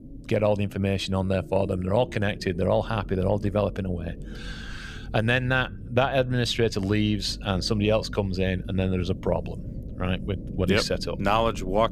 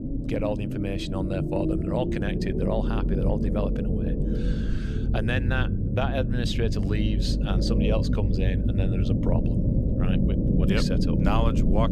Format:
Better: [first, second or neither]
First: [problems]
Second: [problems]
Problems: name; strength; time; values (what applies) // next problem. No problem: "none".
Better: first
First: low rumble; faint; throughout; 20 dB below the speech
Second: low rumble; loud; throughout; 2 dB below the speech